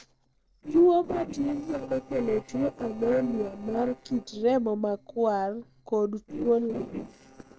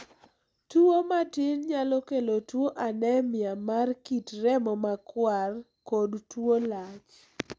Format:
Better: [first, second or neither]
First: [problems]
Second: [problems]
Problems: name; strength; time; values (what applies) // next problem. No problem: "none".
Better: second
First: noise reduction (neural separator model SepFormer DNS4)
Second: none